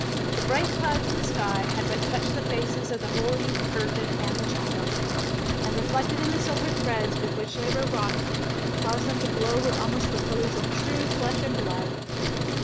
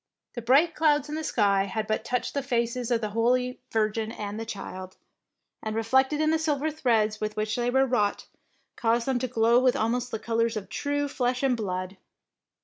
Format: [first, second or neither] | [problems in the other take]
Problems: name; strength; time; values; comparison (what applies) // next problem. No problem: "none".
second | background sound (Truck); 5 dB above the speech